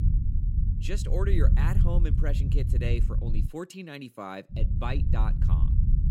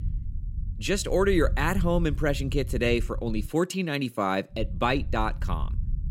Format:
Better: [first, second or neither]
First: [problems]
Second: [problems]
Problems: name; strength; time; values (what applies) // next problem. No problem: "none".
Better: second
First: low rumble; loud; until 3.5 s and from 4.5 s on; 5 dB below the speech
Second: low rumble; faint; until 3.5 s and from 4.5 s on; 25 dB below the speech